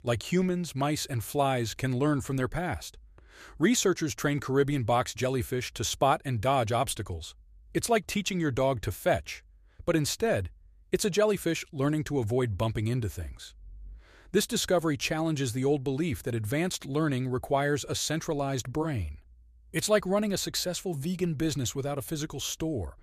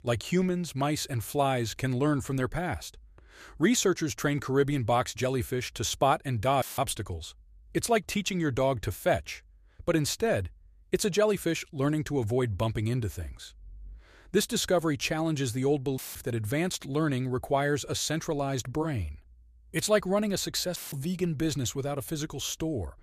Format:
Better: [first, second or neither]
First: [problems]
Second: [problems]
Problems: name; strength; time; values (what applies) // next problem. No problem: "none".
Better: first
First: none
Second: audio cutting out; filled with static; at 6.5 s, at 16 s and at 21 s